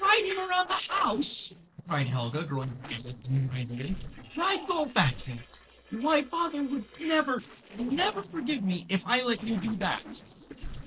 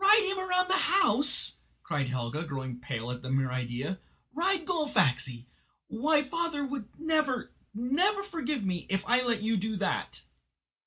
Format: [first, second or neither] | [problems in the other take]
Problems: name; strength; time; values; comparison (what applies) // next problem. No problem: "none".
second | noise reduction (neural separator model SepFormer DNS4)